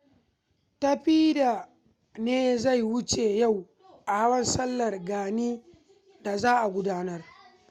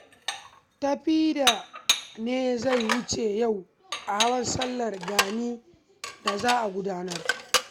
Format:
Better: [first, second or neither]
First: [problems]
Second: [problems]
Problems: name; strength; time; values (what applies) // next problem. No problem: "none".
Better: first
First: none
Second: background sound (Dishes, pots, and pans); 3 dB below the speech